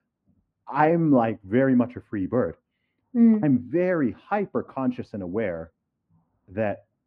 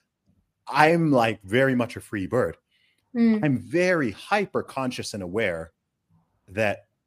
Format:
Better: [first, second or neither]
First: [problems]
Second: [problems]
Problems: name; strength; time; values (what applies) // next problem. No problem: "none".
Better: second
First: muffled; very; fading above 3.5 kHz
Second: none